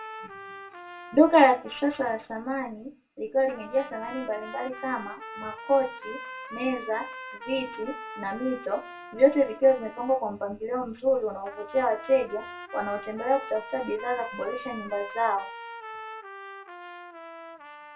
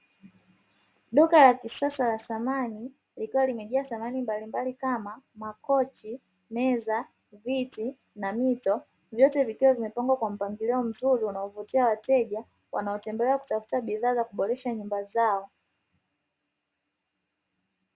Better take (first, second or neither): second